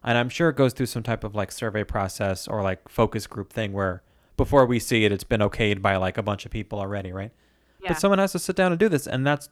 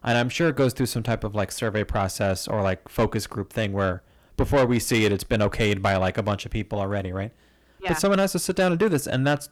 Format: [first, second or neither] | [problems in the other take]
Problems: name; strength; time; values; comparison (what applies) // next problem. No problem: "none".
first | distortion; slight; 10 dB below the speech